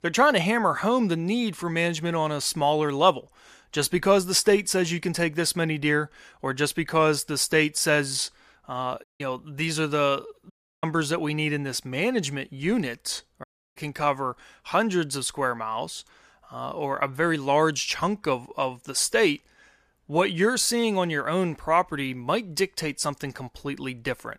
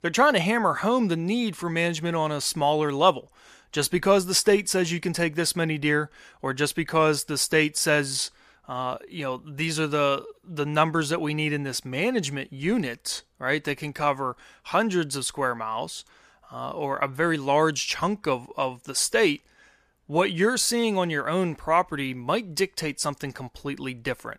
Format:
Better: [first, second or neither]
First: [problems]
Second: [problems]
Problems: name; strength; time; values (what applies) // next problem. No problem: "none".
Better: second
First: audio cutting out; at 9 s, at 11 s and at 13 s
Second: none